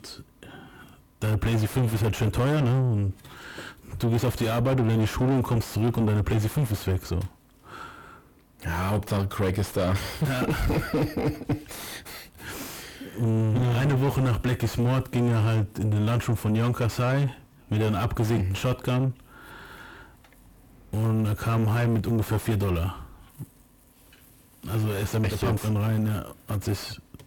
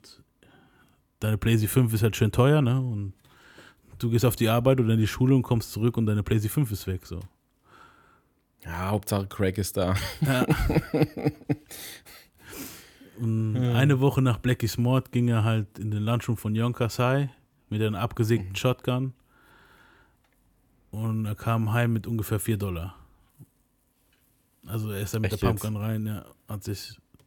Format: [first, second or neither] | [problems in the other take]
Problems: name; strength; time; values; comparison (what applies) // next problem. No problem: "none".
second | distortion; heavy; 5 dB below the speech